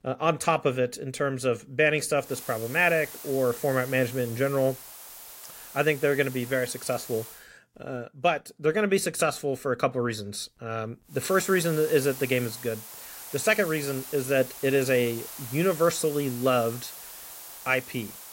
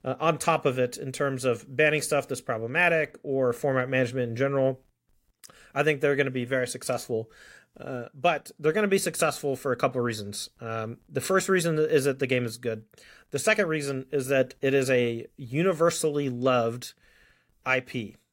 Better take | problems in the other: second | hiss; noticeable; from 2.5 to 7.5 s and from 11 s on; 15 dB below the speech

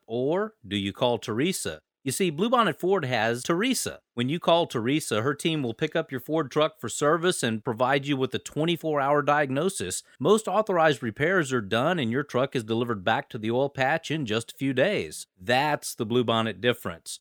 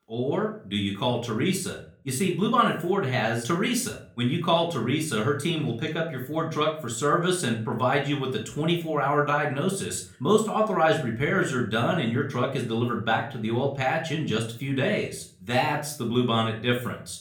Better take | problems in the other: first | room echo; slight; dies away in 0.4 s // off-mic speech; somewhat distant

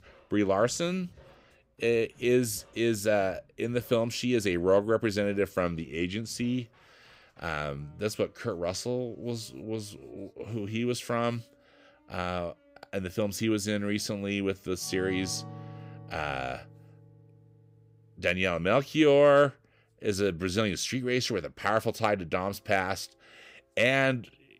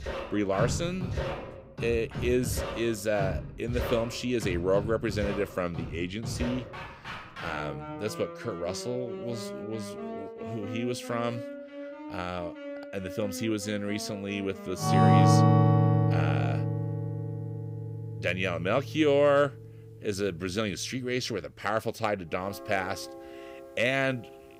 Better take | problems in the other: first | background music; loud; throughout; as loud as the speech; faint in the first

